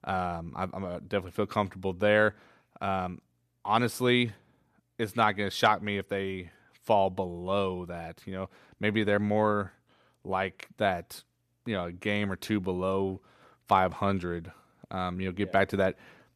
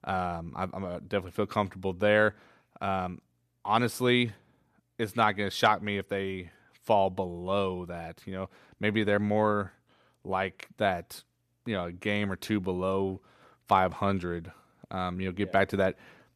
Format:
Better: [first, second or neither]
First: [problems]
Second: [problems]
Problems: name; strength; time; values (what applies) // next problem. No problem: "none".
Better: neither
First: none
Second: none